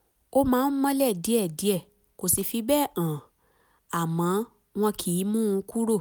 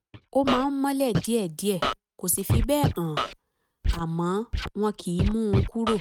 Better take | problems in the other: first | noise reduction (neural mask model RNNoise)

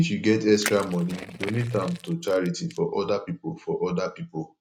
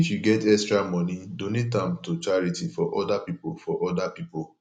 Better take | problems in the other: second | noise reduction (neural mask model RNNoise)

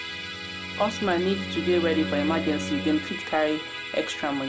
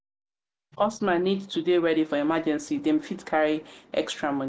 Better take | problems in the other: second | background sound (Musical instrument + Bowed string instrument); 6 dB below the speech

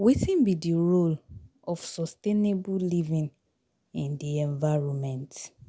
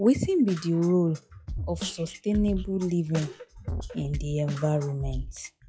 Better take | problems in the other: first | noise reduction (classical method log-MMSE)

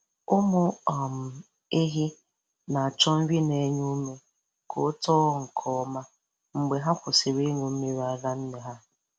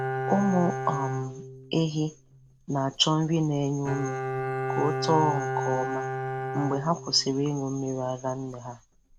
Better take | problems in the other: first | background sound (Bowed string instrument); 5 dB below the speech

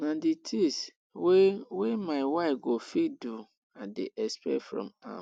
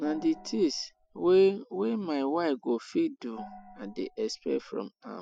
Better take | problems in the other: first | noise reduction (classical method spectral subtraction)

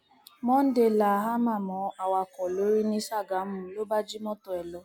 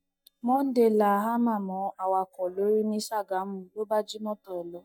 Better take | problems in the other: first | noise reduction (neural mask model DeepFilterNet 3)

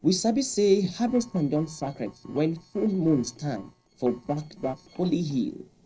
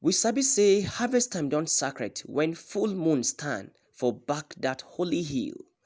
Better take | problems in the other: second | noise reduction (neural separator model SepFormer DNS4)

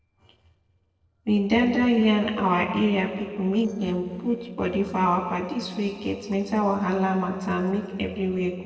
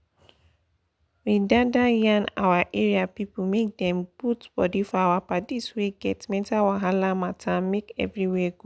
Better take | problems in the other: second | noise reduction (neural separator model SepFormer DNS4)

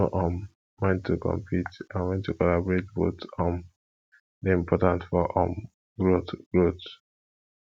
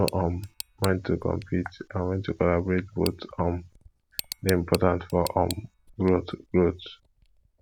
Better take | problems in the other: first | background sound (Tick); 17 dB below the speech

